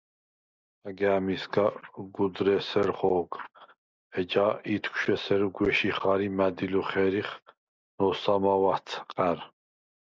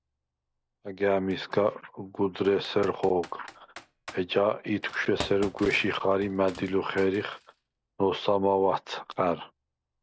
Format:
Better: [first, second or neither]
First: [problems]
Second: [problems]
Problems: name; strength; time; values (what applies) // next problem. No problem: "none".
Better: first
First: none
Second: background sound (Computer keyboard); 19 dB below the speech